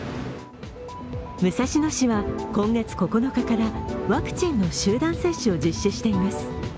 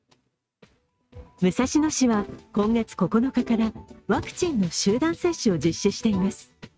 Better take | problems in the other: first | noise reduction (neural mask model RNNoise)

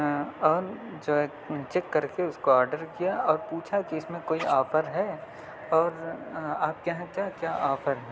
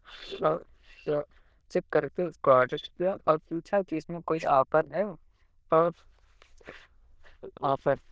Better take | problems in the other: first | noise reduction (neural diffusion model UNIVERSE++)

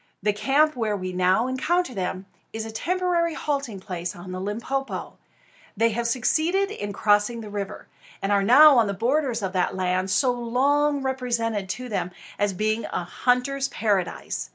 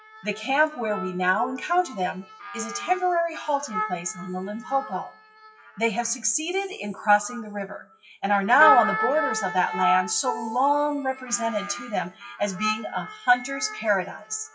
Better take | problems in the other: first | noise reduction (classical method WPE with log-MMSE)

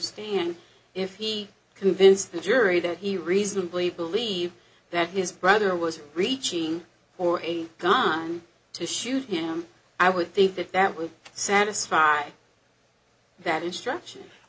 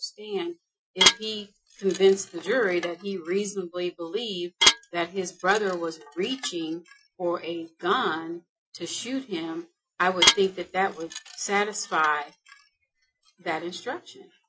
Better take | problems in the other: first | noise reduction (classical method Wiener filter)

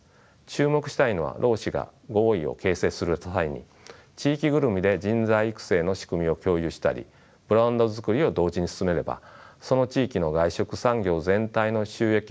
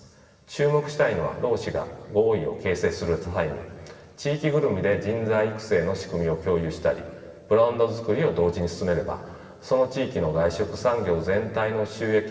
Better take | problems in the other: first | room echo; dies away in 2.3 s

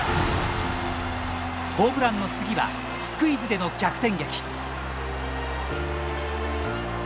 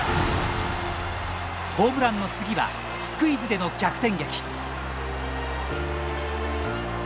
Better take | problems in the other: second | background sound (Wind instrument, woodwind instrument); 11 dB below the speech

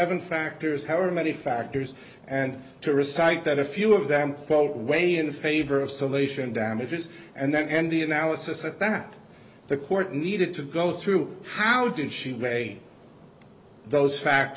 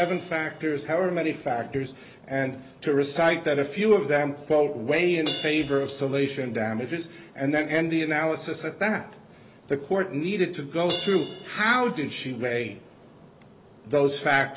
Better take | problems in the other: first | background sound (Crash cymbal); 19 dB below the speech

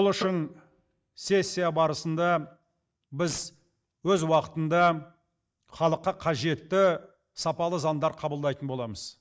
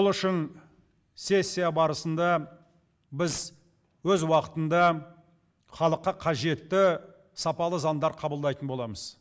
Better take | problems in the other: second | noise reduction (neural mask model DeepFilterNet 3)

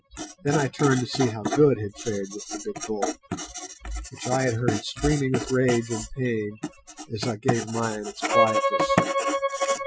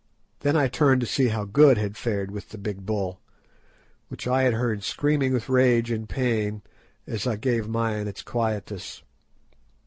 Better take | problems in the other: second | noise reduction (classical method Wiener filter)

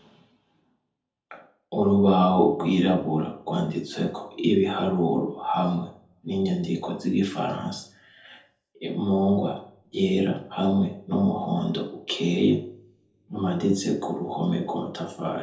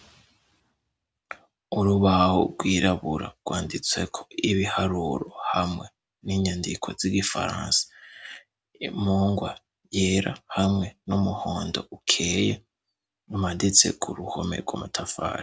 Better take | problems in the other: second | room echo; dies away in 0.5 s

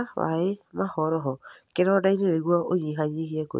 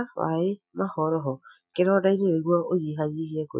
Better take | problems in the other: first | noise reduction (classical method Wiener filter)

